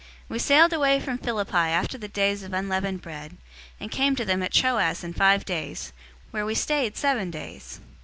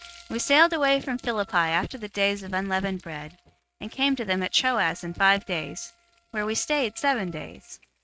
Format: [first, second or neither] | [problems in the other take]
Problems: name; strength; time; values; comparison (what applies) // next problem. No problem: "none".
first | noise reduction (neural mask model RNNoise)